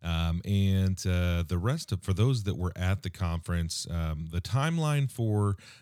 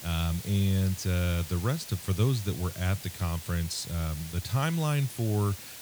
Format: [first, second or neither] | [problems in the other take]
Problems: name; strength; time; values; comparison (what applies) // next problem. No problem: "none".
first | hiss; noticeable; throughout; 10 dB below the speech